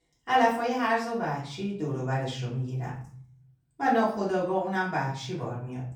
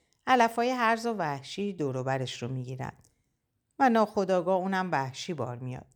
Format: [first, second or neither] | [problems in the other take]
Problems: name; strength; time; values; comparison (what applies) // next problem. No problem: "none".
second | off-mic speech; far // room echo; slight; dies away in 0.5 s